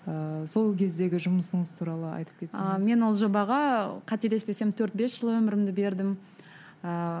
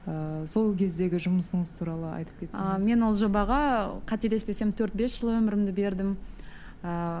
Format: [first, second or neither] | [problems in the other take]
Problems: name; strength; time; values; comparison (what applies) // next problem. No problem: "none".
first | background sound (Thunder / Rain); 13 dB below the speech